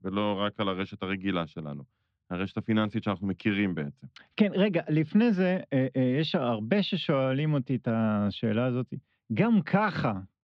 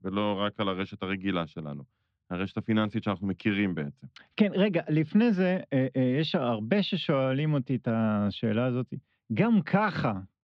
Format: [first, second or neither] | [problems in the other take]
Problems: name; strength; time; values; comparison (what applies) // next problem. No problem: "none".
neither | muffled; very slightly; fading above 4 kHz; the same in both